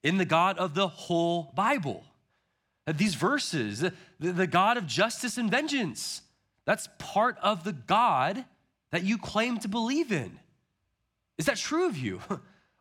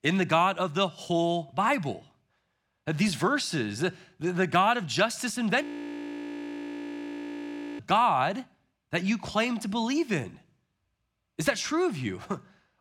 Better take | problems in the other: first | audio freezing; at 5.5 s for 2 s

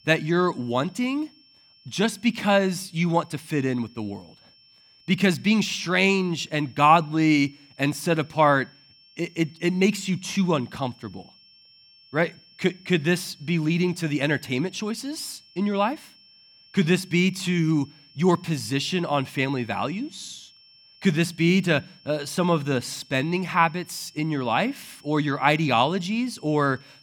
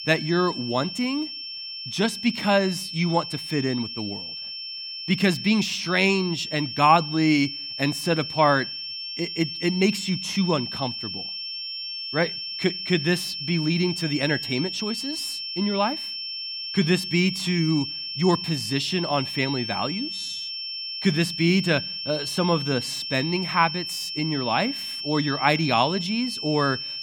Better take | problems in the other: first | high-pitched whine; loud; throughout; 5.5 kHz, 6 dB below the speech; faint in the first

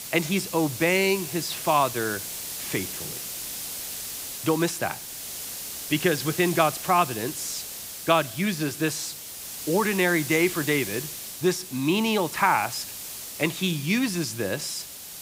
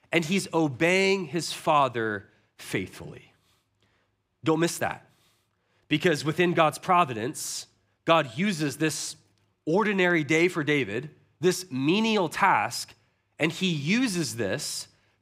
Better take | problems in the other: second | hiss; loud; throughout; 8 dB below the speech

